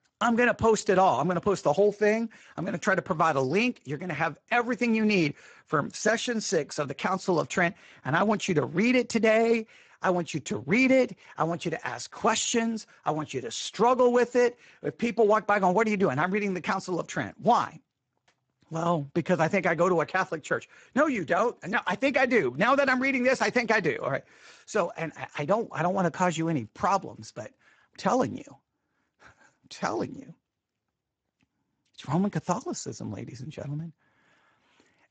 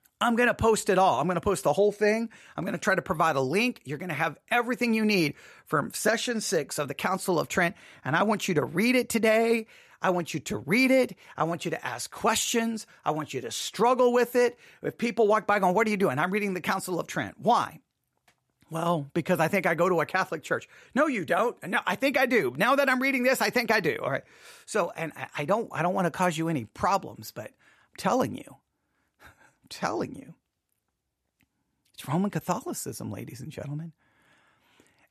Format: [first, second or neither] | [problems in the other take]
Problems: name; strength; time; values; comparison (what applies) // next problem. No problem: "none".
second | garbled, watery; badly; nothing above 7.5 kHz